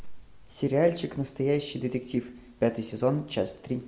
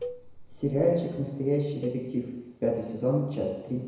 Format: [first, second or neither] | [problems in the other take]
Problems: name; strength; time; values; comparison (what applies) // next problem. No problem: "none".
first | background sound (Cowbell); 15 dB below the speech // room echo; dies away in 1 s